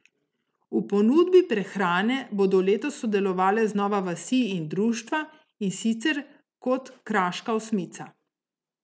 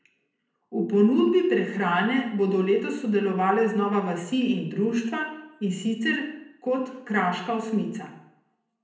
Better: first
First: none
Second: room echo; dies away in 0.7 s

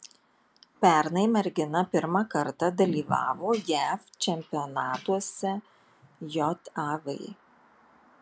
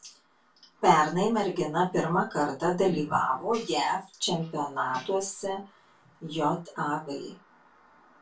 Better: first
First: none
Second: room echo; dies away in 0.2 s

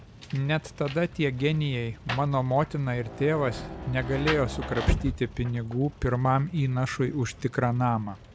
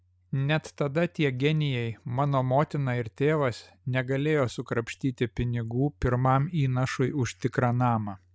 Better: second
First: background sound (Rain); 9 dB below the speech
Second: none

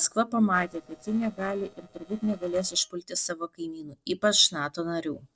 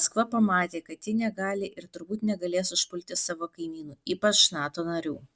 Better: second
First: noise reduction (neural separator model SepFormer DNS4)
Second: none

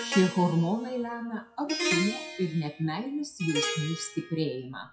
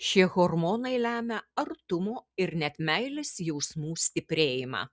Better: second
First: noise reduction (classical method WPE with log-MMSE)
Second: none

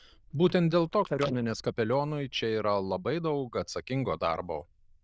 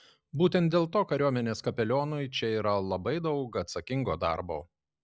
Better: second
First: noise reduction (neural diffusion model UNIVERSE++)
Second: none

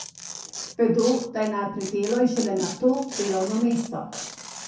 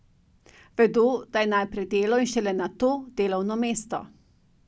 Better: second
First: background sound (Tearing); 13 dB below the speech // room echo; dies away in 0.5 s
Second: none

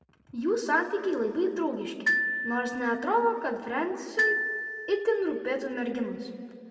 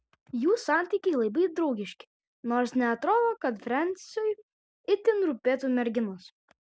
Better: second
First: background sound (Glockenspiel); 2 dB below the speech // room echo; dies away in 2.3 s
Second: none

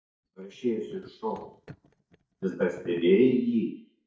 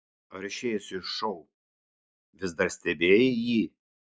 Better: second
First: noise reduction (neural mask model DeepFilterNet 3)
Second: none

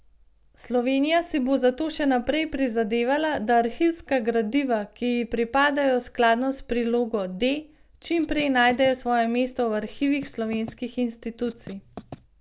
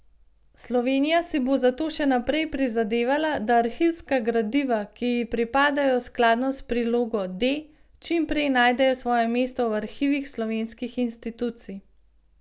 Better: second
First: background sound (Writing); 20 dB below the speech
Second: none

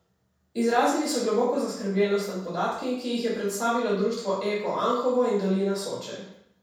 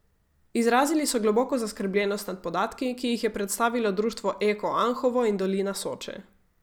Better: second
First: room echo; dies away in 0.7 s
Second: none

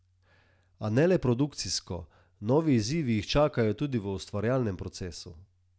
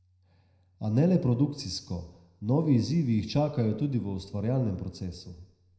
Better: first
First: none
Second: room echo; dies away in 0.8 s

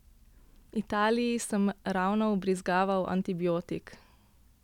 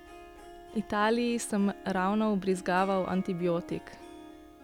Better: first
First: none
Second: background sound (Harp); 17 dB below the speech

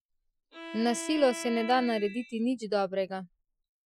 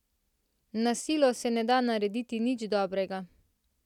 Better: second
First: noise reduction (classical method Wiener filter)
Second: none

